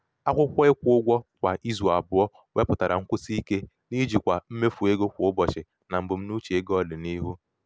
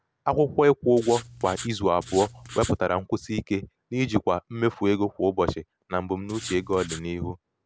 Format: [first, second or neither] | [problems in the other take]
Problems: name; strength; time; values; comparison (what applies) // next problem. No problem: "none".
first | background sound (Writing); 14 dB below the speech